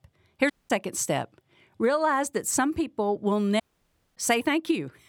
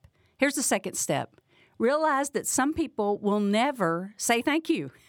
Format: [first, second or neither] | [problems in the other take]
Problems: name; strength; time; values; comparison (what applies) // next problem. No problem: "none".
second | audio cutting out; at 0.5 s and at 3.5 s for 0.5 s